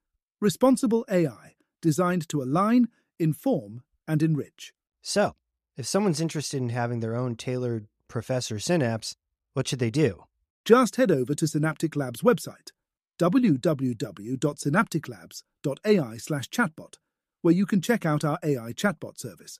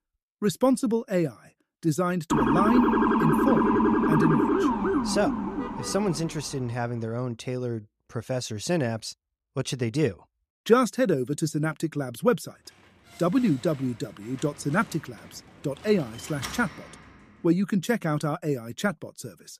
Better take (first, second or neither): first